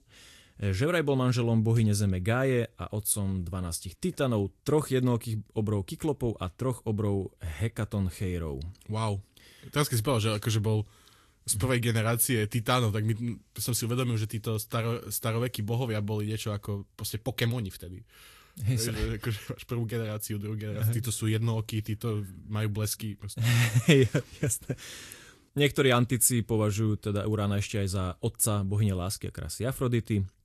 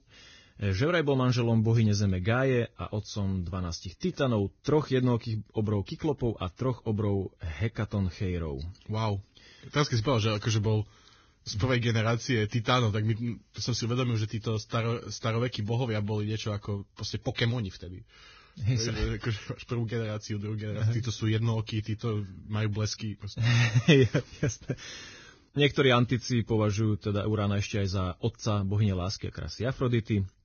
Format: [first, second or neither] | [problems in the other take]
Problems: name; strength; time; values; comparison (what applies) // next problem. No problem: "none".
first | garbled, watery; badly; nothing above 6.5 kHz; slightly in the first